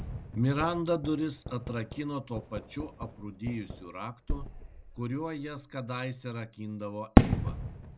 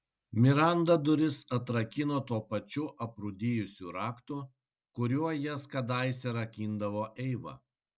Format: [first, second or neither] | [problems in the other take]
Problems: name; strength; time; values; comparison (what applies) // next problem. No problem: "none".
second | background sound (Fireworks); 2 dB above the speech